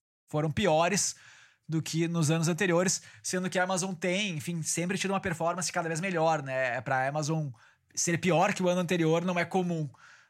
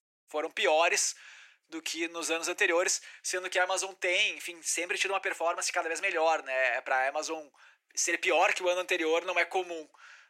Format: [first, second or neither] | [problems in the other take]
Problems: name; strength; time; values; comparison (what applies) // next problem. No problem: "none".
first | thin; very; fading below 350 Hz